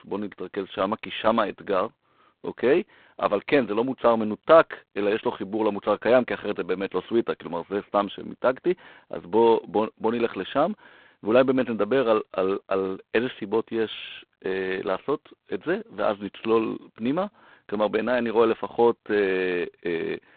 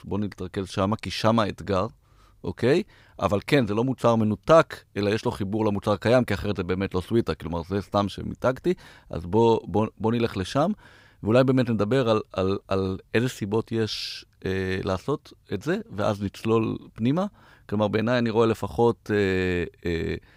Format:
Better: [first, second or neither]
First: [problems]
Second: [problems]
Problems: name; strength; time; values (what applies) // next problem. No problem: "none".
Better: second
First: phone-call audio; poor line; nothing above 4 kHz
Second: none